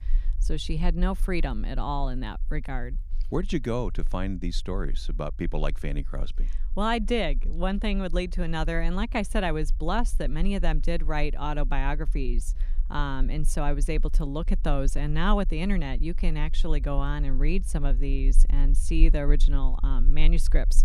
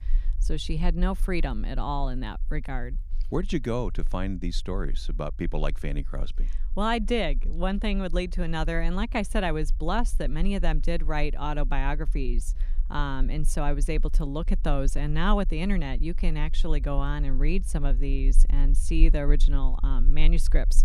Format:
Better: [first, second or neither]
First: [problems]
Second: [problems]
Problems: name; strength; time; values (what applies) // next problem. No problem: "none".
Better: neither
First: low rumble; faint; throughout; 25 dB below the speech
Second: low rumble; faint; throughout; 25 dB below the speech